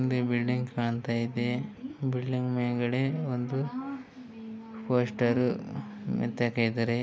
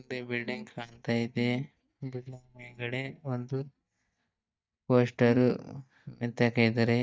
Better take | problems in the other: first | noise reduction (neural mask model DeepFilterNet 3)

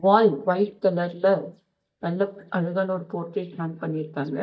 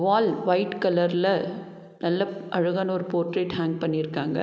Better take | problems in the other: second | noise reduction (neural mask model DeepFilterNet 3)

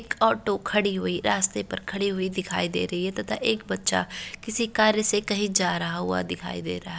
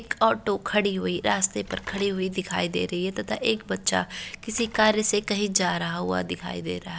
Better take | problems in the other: first | background sound (Telephone); 19 dB below the speech

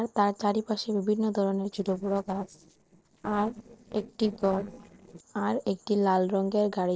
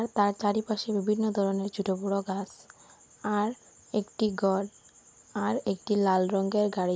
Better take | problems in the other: second | noise reduction (neural separator model SepFormer DNS4)

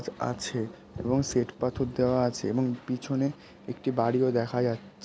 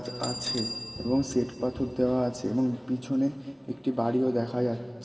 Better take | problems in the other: first | background sound (Bell); 14 dB below the speech // room echo; dies away in 2.3 s

